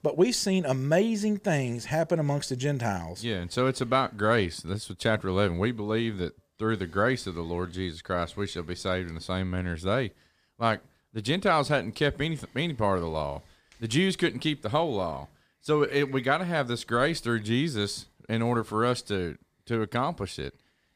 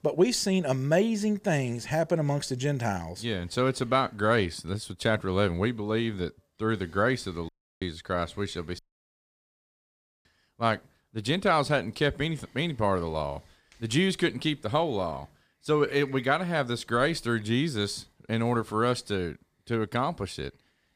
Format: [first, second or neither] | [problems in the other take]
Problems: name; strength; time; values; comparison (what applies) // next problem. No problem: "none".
first | audio cutting out; at 7.5 s and at 9 s for 1.5 s